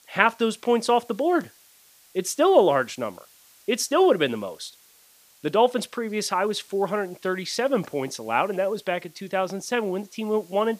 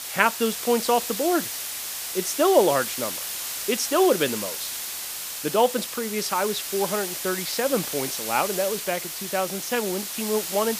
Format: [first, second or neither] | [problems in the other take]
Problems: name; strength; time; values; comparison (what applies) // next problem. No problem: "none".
first | hiss; loud; throughout; 4 dB below the speech; faint in the first